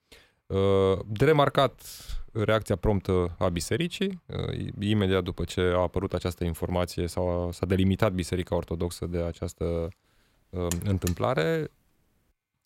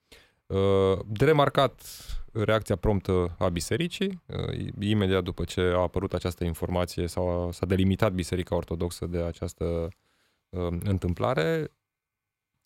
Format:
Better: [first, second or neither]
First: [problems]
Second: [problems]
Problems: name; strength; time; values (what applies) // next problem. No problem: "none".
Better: second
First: alarm; noticeable; at 11 s; peak 8 dB below the speech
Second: none